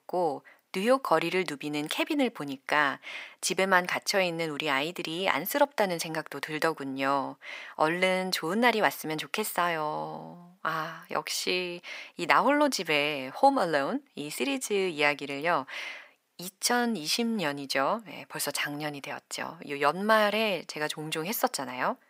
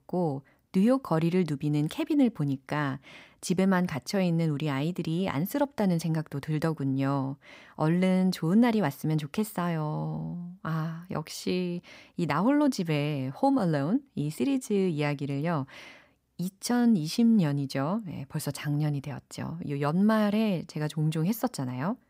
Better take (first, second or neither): second